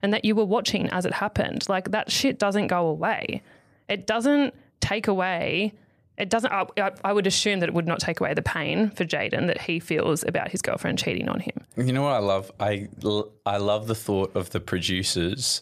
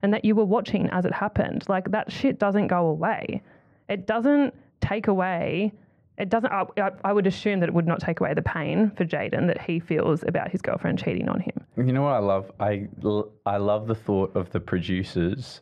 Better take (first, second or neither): first